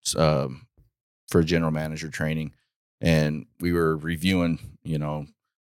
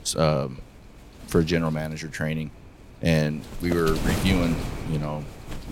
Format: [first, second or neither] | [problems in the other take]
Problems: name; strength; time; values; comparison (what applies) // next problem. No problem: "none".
first | wind noise on the microphone; heavy; 7 dB below the speech